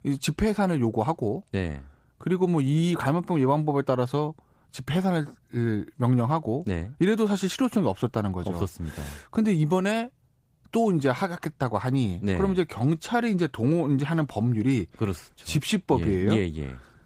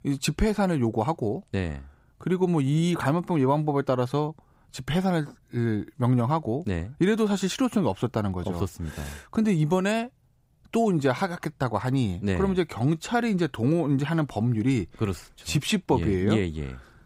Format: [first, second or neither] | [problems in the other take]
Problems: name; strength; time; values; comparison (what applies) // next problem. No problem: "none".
second | garbled, watery; slightly; nothing above 15.5 kHz